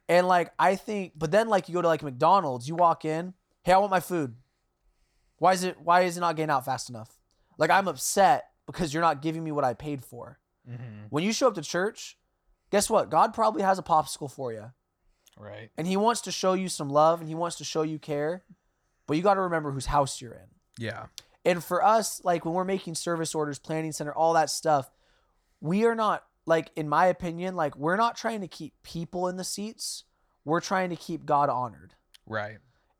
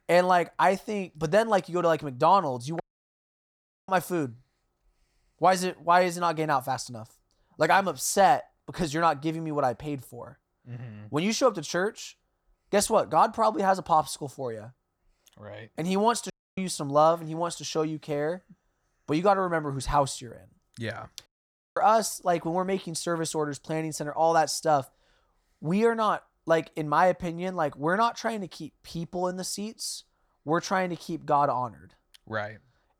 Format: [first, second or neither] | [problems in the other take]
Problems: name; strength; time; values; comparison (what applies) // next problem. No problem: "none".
first | audio cutting out; at 3 s for 1 s, at 16 s and at 21 s for 0.5 s